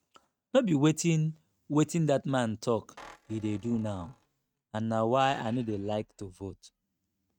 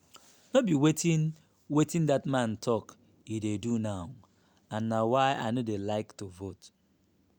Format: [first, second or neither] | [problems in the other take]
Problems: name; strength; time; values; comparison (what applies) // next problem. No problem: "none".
second | noise reduction (neural mask model RNNoise)